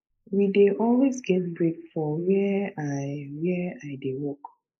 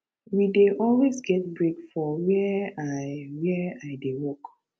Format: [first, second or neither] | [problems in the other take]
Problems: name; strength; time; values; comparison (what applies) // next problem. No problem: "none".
second | noise reduction (neural mask model Resemble Enhance denoiser)